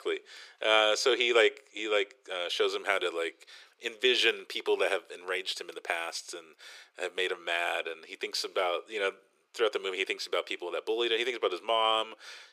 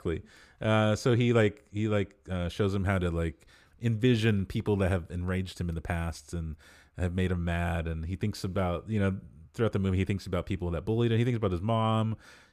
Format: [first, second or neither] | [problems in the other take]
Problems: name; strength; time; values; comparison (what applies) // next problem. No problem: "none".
second | thin; very; fading below 400 Hz